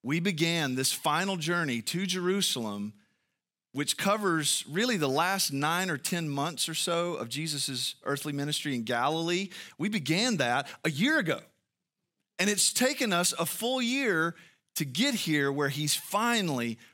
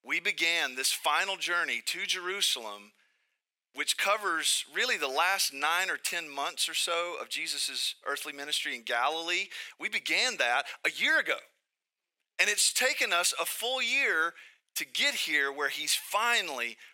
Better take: first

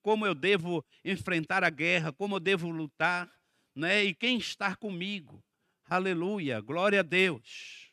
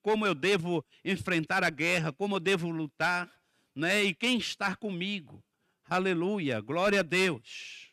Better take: first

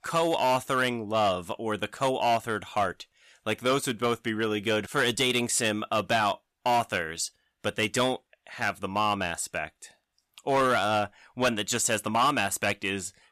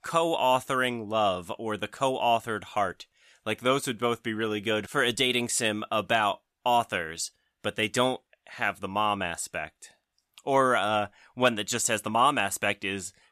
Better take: second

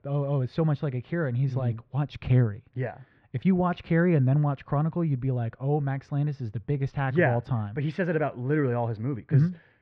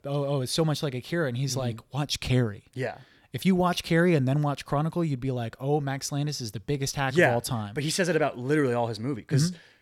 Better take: second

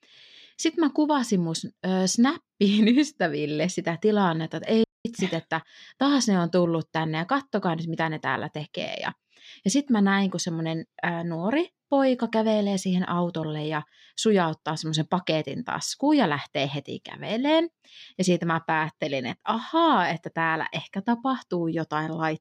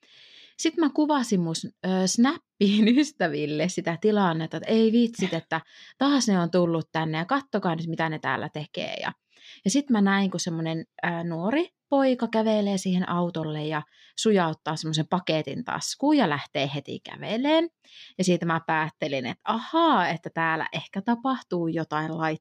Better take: second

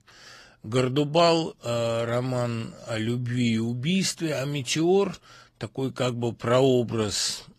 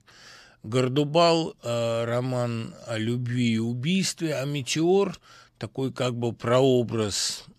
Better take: second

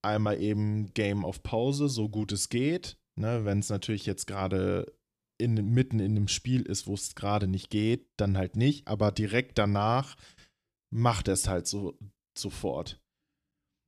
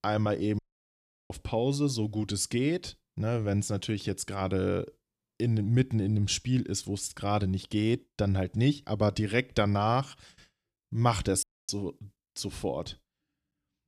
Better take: first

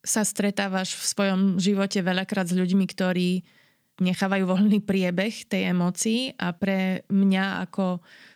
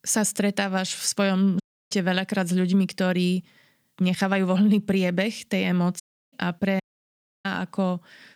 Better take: first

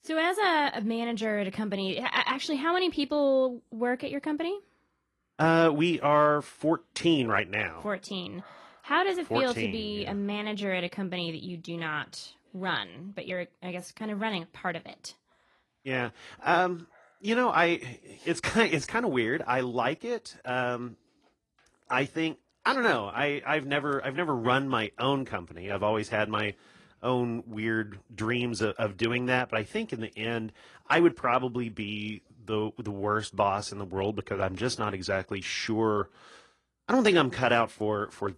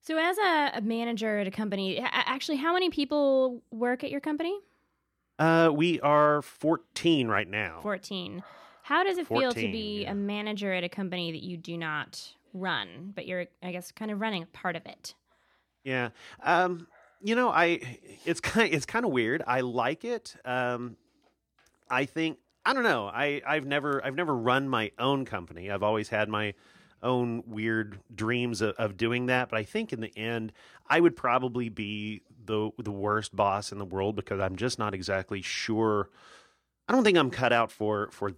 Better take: second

